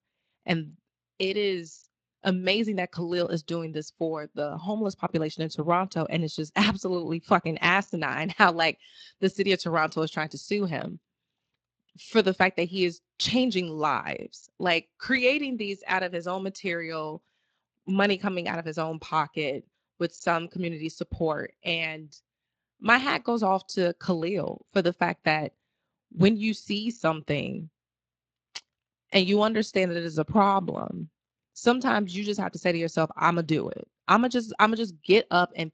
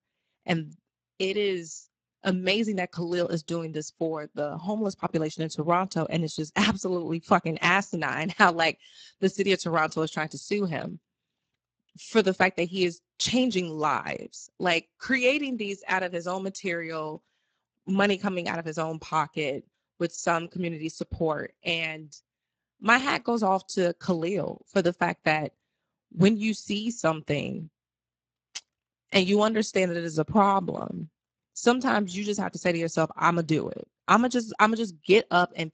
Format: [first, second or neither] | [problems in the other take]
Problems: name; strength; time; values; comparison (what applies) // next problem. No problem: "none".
first | garbled, watery; badly; nothing above 7.5 kHz; slightly in the first